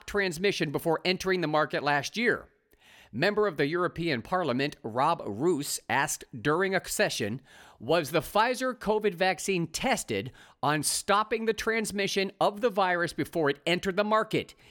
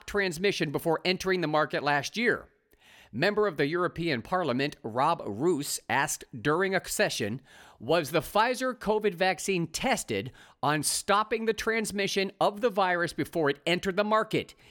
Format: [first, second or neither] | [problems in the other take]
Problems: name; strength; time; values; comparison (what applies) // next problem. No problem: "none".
neither | none